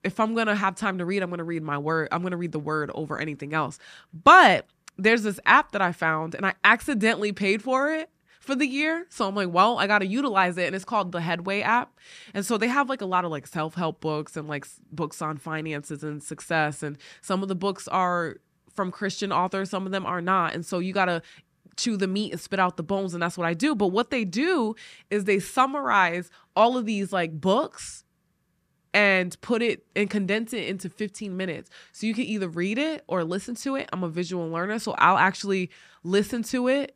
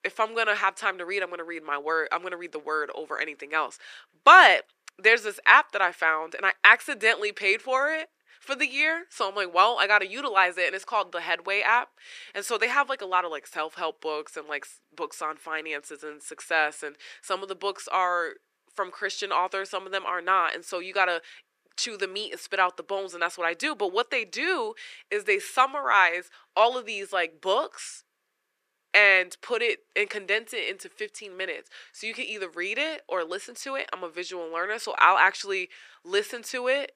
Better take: first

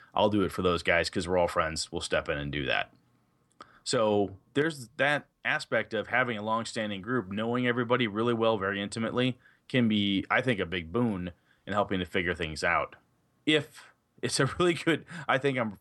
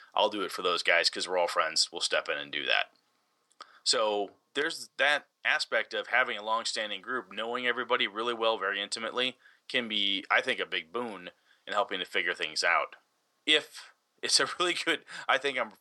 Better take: first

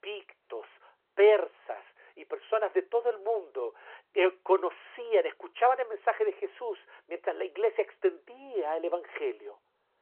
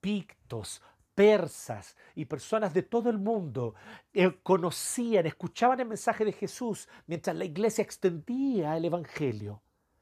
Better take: second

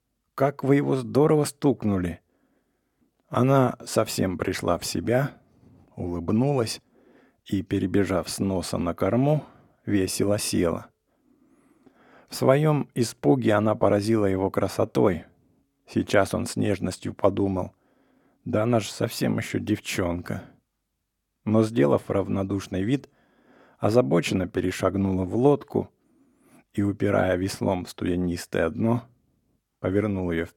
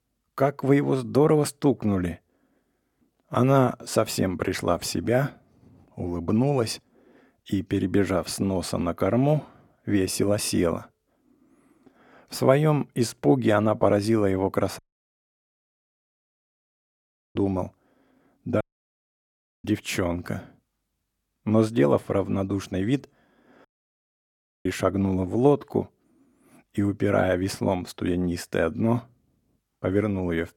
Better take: first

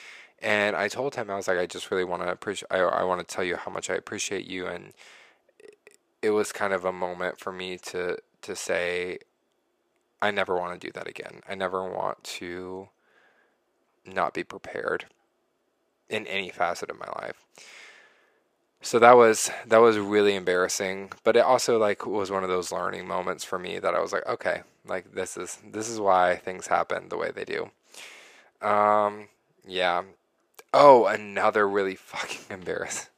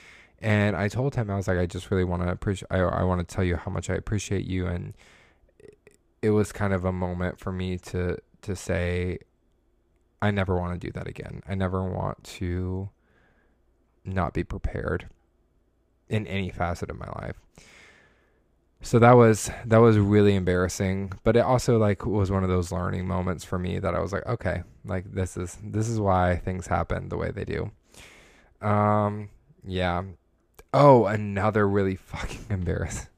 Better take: second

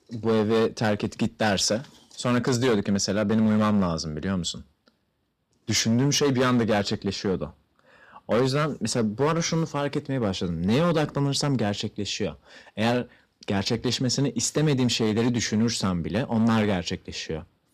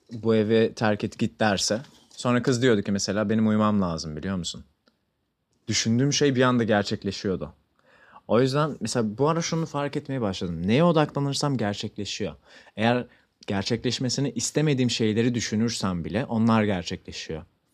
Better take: second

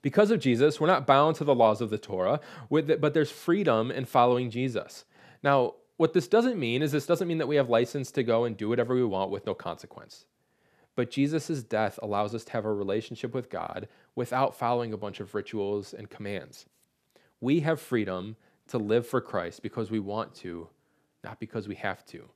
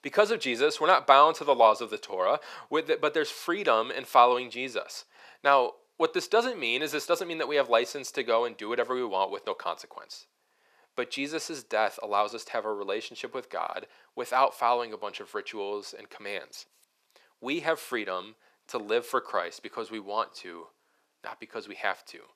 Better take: first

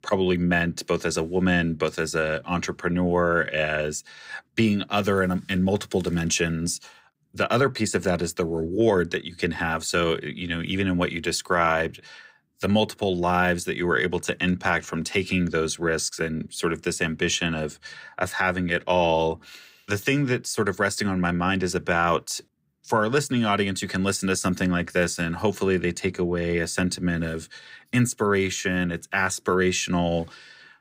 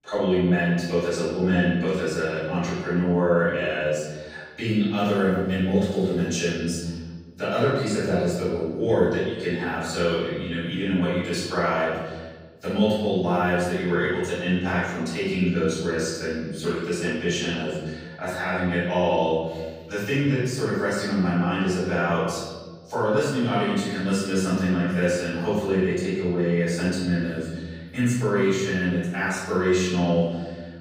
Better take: first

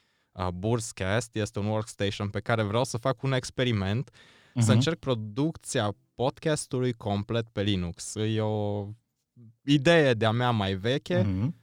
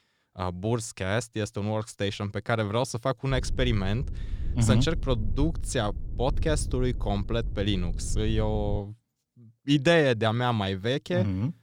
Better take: first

